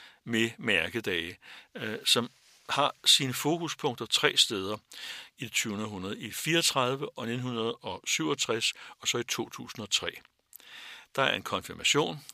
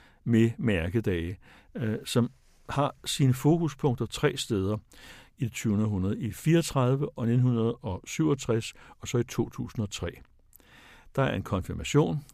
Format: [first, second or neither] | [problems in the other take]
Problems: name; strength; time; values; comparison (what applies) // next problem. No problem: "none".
second | thin; somewhat; fading below 1 kHz